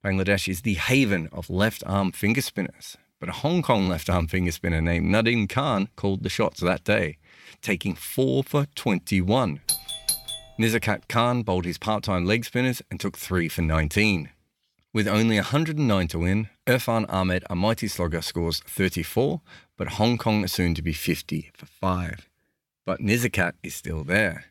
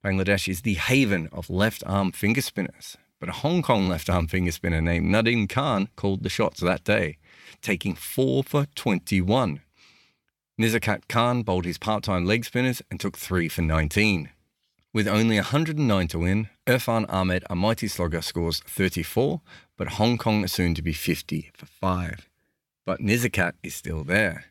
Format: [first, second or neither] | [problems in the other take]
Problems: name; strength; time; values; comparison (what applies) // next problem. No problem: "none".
second | doorbell; noticeable; at 9.5 s; peak 1 dB below the speech